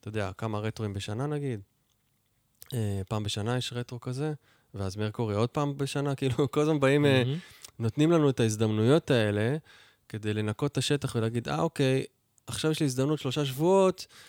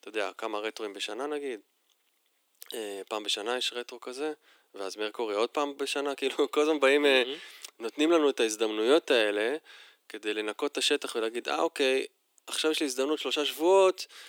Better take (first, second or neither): first